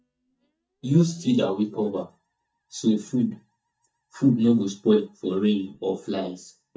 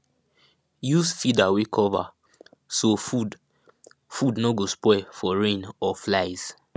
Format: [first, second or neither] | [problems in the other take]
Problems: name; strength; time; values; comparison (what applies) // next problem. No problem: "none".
second | noise reduction (neural mask model DeepFilterNet 3)